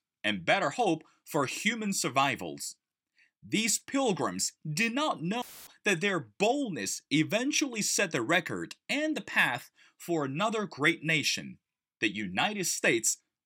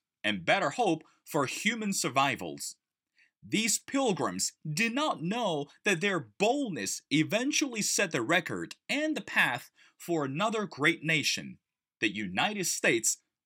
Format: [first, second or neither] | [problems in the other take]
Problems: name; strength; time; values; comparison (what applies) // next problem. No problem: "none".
second | audio cutting out; filled with static; at 5.5 s